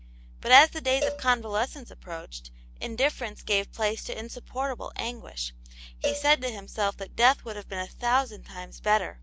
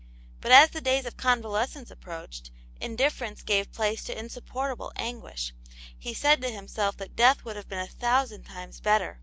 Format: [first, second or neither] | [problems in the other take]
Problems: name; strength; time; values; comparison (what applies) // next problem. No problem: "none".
second | background sound (Cowbell); 10 dB below the speech